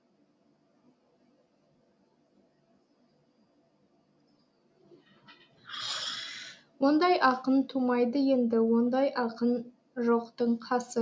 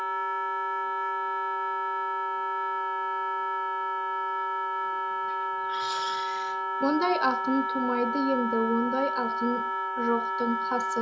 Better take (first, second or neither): first